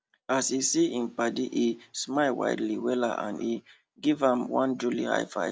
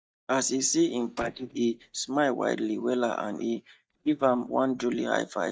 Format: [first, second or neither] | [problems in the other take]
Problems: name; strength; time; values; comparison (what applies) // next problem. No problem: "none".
first | noise reduction (neural mask model DeepFilterNet 3)